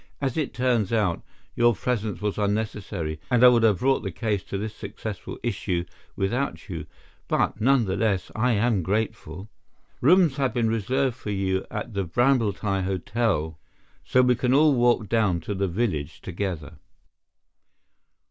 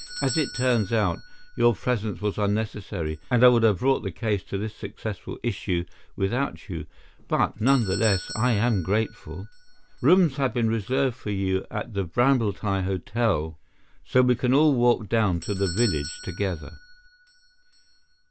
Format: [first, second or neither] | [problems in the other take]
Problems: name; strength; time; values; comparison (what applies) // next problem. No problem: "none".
first | background sound (Doorbell); 17 dB below the speech